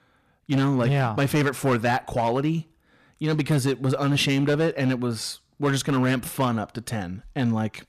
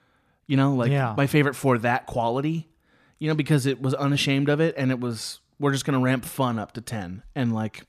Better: second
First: distortion; slight; 8% of the sound clipped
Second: none

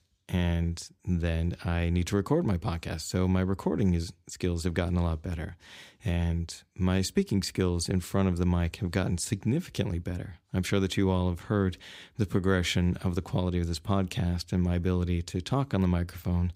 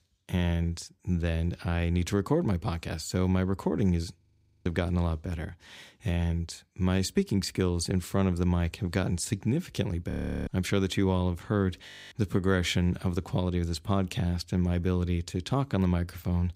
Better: first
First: none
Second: audio freezing; at 4 s, at 10 s and at 12 s

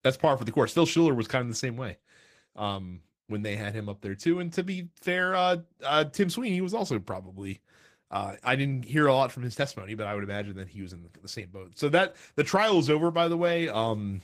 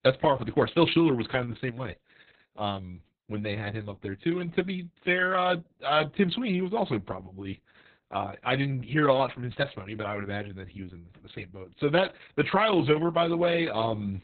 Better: first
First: garbled, watery; slightly; nothing above 15 kHz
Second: garbled, watery; badly; nothing above 4 kHz

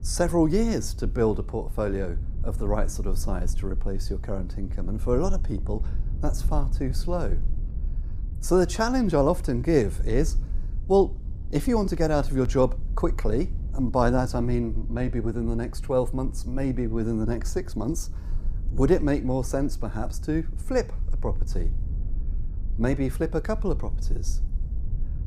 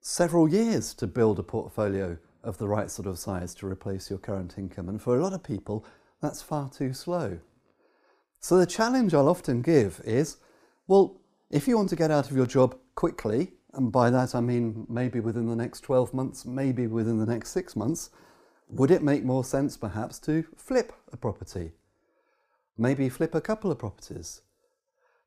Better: second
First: low rumble; faint; throughout; 20 dB below the speech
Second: none

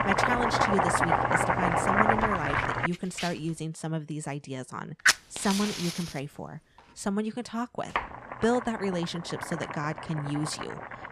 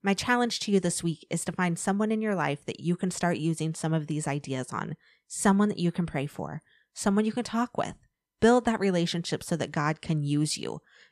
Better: second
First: household noises; very loud; throughout; 4 dB above the speech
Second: none

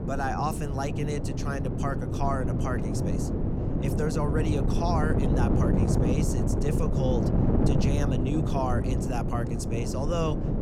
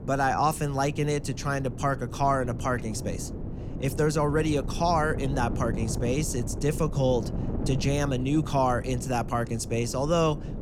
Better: second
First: wind noise on the microphone; heavy; 1 dB below the speech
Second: wind noise on the microphone; occasional gusts; 15 dB below the speech

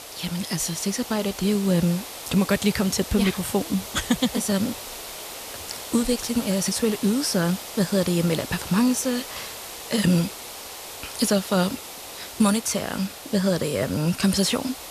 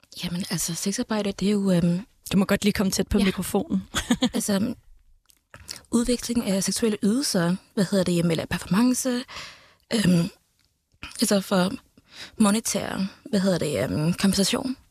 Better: second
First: hiss; noticeable; throughout; 10 dB below the speech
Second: none

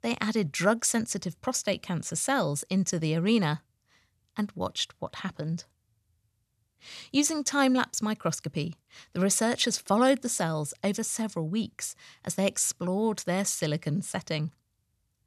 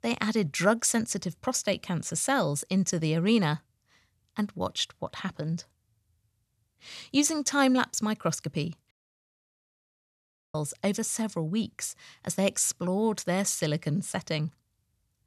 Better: first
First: none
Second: audio cutting out; at 9 s for 1.5 s

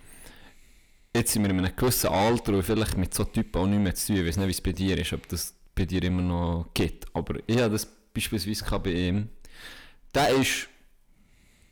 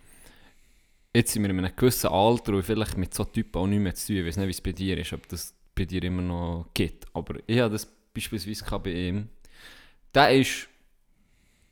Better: second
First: distortion; heavy; 6 dB below the speech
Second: none

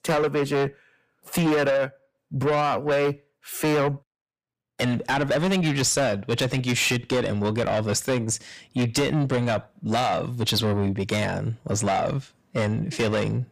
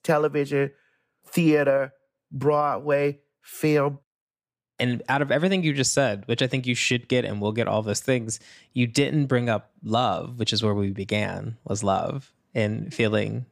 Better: second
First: distortion; heavy; 7 dB below the speech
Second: none

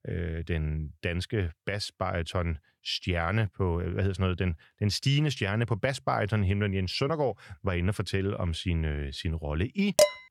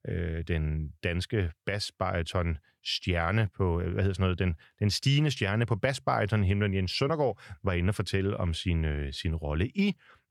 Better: second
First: clattering dishes; loud; at 10 s; peak 6 dB above the speech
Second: none

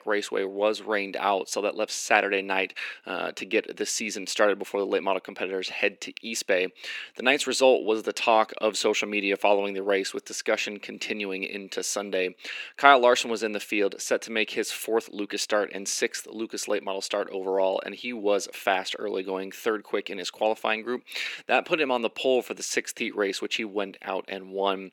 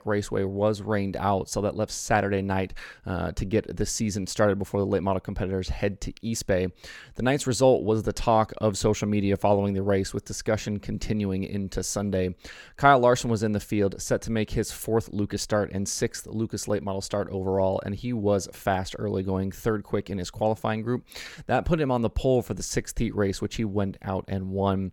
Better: second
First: thin; somewhat; fading below 300 Hz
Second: none

